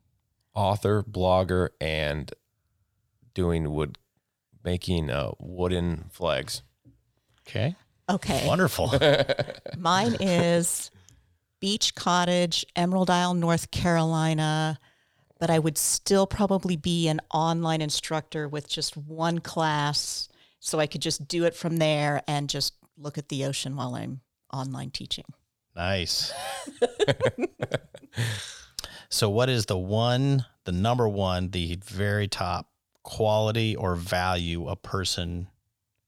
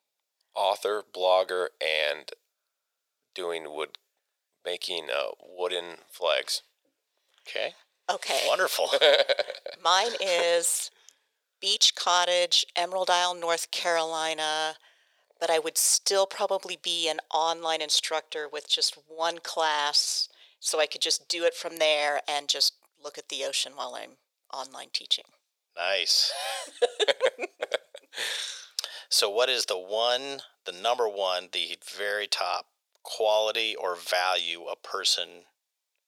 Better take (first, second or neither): first